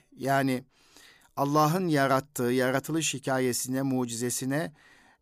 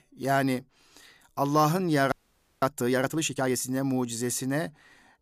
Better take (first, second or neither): first